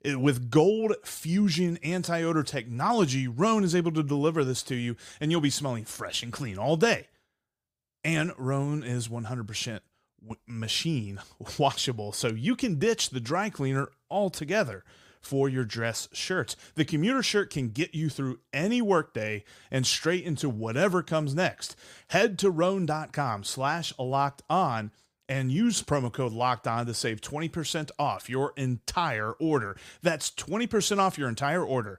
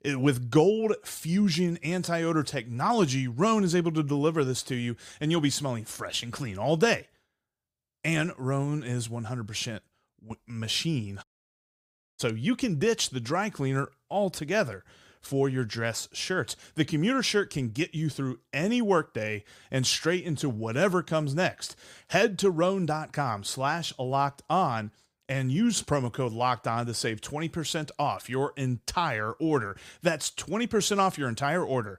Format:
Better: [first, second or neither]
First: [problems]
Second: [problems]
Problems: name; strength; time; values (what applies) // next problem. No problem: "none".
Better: first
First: none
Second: audio cutting out; at 11 s for 1 s